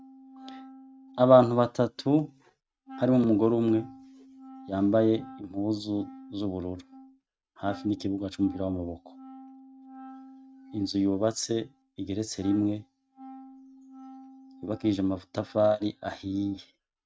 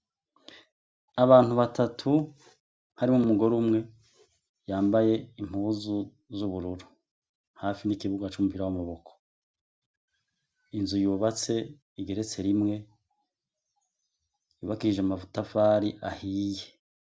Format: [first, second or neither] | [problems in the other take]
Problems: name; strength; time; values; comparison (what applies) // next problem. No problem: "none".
second | noise reduction (neural mask model RNNoise)